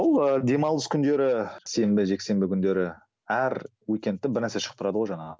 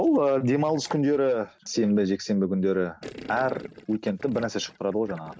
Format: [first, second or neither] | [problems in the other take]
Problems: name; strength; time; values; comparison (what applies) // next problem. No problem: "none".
first | noise reduction (neural mask model RNNoise)